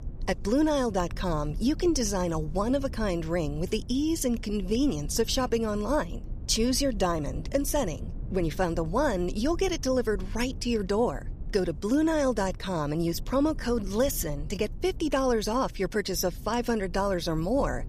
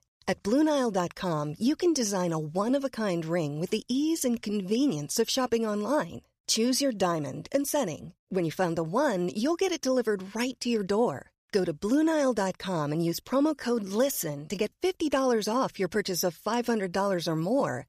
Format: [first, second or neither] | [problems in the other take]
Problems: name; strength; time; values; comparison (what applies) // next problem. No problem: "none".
second | low rumble; faint; throughout; 25 dB below the speech